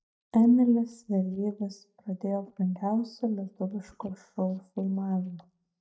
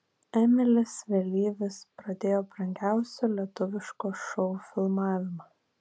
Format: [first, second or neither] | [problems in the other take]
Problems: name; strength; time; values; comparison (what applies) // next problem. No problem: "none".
second | noise reduction (neural mask model DeepFilterNet 3)